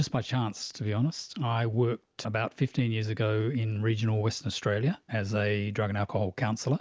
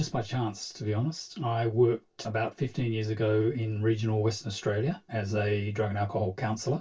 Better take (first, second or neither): first